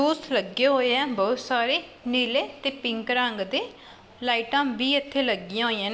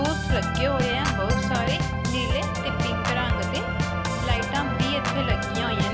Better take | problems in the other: first | background sound (Organ); 5 dB above the speech

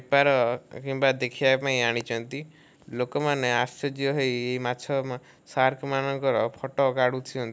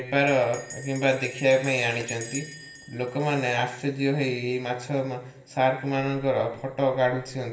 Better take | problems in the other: first | background sound (Bell); 20 dB below the speech // room echo; dies away in 0.9 s

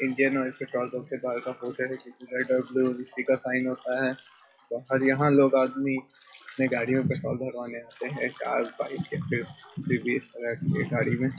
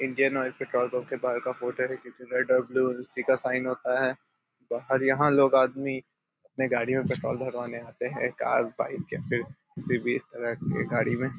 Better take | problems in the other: second | noise reduction (classical method WPE with log-MMSE)

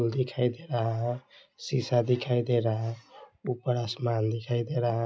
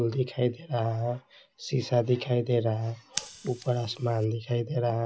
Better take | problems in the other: first | background sound (Scissors); 19 dB below the speech

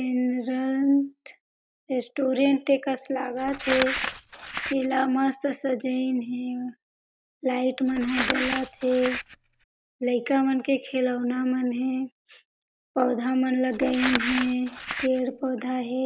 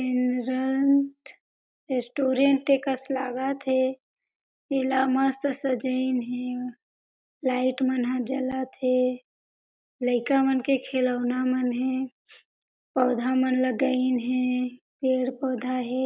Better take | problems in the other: second | background sound (Crumpling, crinkling); 6 dB below the speech

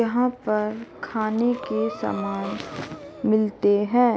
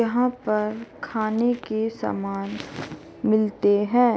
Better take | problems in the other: second | background sound (Breathing); 14 dB below the speech

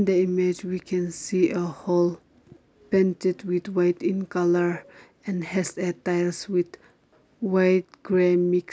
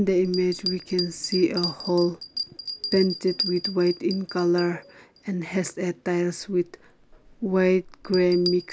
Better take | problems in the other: first | background sound (Bell); 11 dB below the speech

